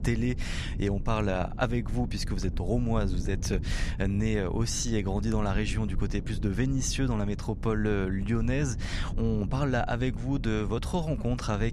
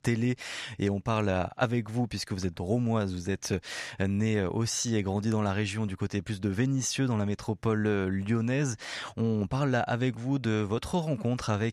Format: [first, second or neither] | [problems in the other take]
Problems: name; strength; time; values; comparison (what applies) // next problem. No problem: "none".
second | low rumble; noticeable; throughout; 15 dB below the speech